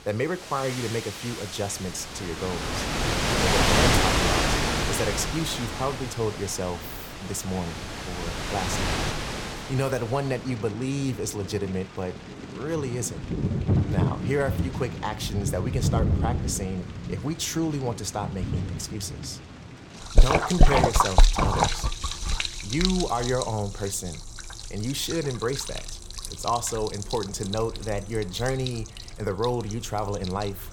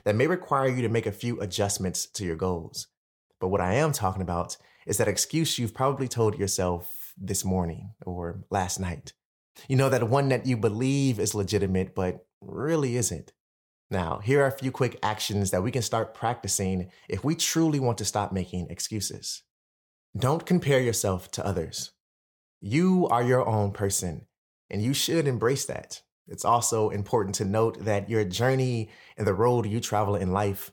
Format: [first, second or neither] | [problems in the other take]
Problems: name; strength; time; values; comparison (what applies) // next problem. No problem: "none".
second | rain or running water; very loud; throughout; 2 dB above the speech